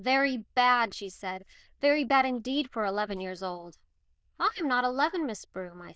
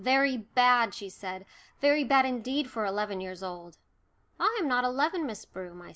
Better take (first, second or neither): second